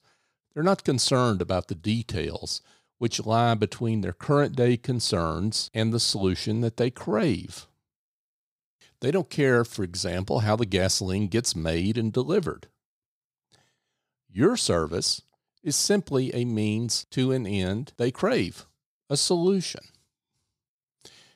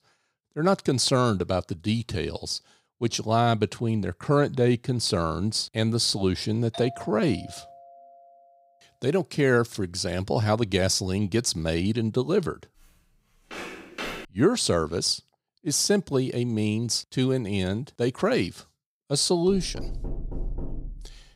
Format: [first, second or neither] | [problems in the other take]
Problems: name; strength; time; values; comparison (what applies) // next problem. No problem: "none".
first | doorbell; faint; from 6.5 to 8.5 s; peak 15 dB below the speech // footsteps; noticeable; at 14 s; peak 9 dB below the speech // door banging; faint; from 19 s on; peak 10 dB below the speech